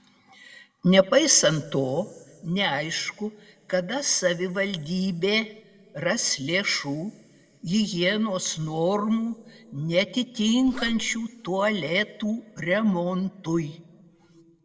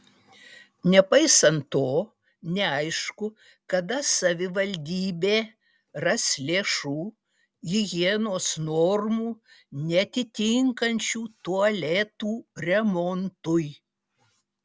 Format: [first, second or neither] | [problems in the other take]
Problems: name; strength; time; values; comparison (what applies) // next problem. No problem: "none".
second | background sound (Zipper (clothing)); 12 dB below the speech // room echo; dies away in 1.6 s